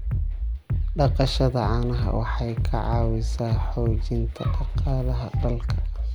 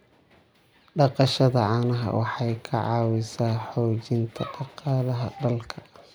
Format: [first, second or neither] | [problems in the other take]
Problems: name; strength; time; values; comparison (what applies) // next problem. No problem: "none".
second | background sound (Bass drum); 2 dB above the speech